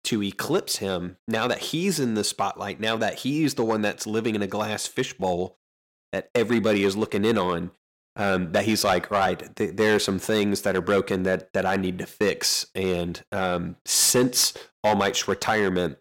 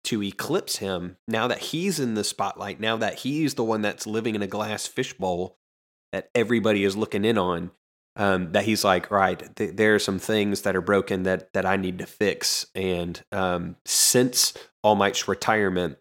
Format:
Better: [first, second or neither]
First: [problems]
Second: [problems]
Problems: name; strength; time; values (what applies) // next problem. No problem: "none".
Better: second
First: distortion; slight; 3% of the sound clipped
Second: none